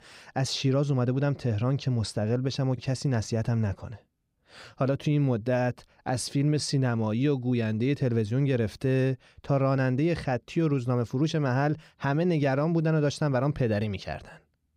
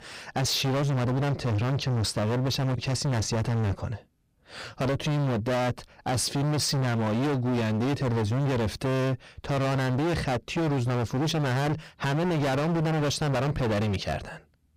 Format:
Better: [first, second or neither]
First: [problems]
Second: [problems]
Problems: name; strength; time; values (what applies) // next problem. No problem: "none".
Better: first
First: none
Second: distortion; heavy; 42% of the sound clipped